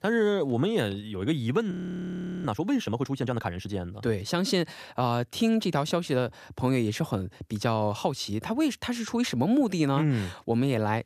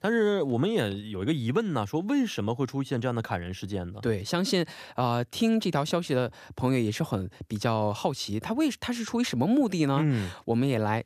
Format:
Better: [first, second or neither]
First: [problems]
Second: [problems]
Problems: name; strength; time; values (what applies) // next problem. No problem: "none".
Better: second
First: audio freezing; at 1.5 s for 0.5 s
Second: none